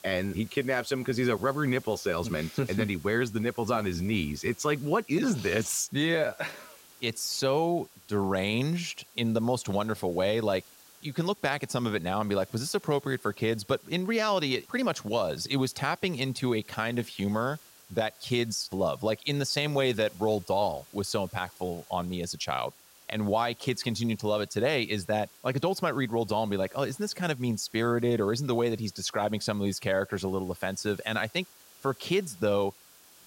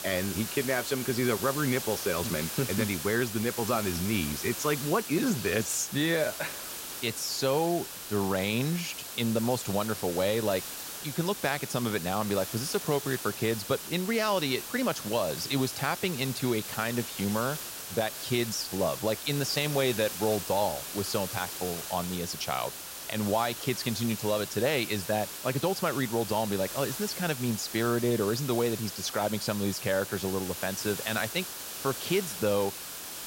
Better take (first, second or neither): first